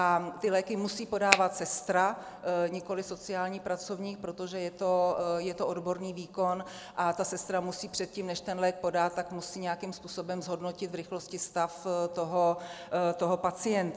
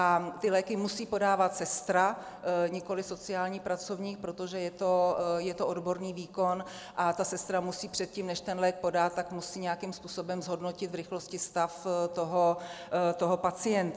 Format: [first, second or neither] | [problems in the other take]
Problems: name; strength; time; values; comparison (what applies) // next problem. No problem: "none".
second | background sound (Finger snapping); 3 dB above the speech